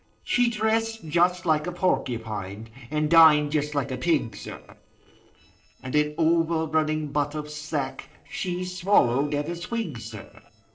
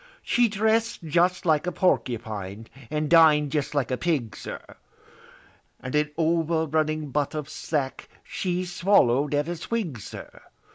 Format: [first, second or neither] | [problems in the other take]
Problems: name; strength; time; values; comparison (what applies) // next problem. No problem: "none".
second | noise reduction (neural separator model SepFormer DNS4)